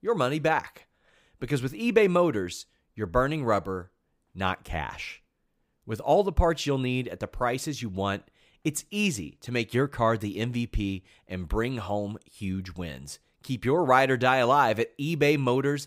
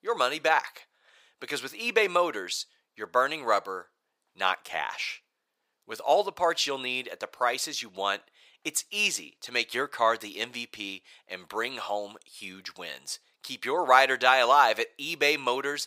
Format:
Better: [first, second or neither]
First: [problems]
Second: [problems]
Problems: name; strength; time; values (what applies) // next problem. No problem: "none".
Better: first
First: none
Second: thin; very; fading below 650 Hz